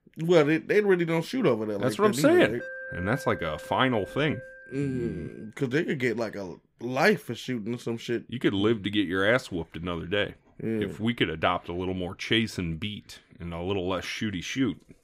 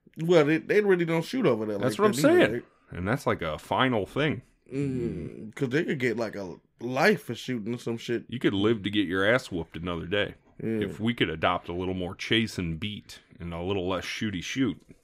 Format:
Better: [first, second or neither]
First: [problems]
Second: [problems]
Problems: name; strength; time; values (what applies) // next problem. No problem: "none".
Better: second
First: alarm; noticeable; from 2.5 to 5.5 s; peak 10 dB below the speech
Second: none